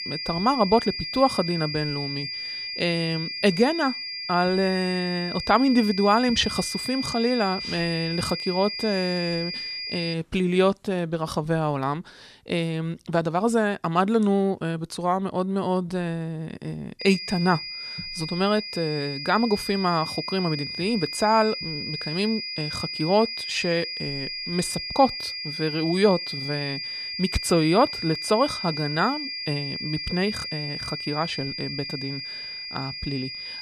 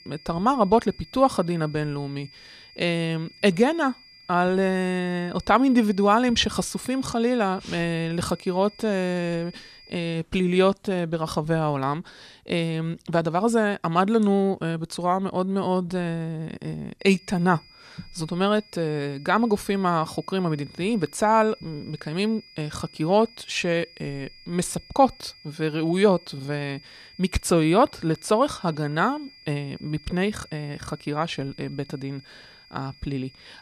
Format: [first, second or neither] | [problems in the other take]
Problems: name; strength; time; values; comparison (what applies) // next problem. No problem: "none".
second | high-pitched whine; loud; until 10 s and from 17 s on; 5 kHz, 5 dB below the speech; faint in the second